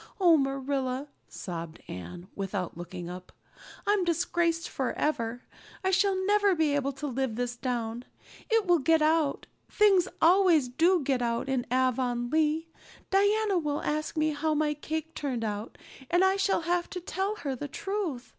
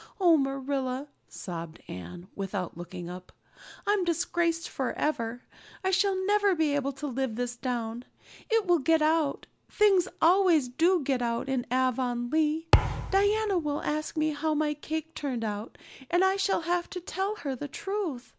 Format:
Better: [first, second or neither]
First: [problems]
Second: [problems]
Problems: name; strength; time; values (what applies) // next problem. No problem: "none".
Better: first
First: none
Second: background sound (Thump, thud); 2 dB below the speech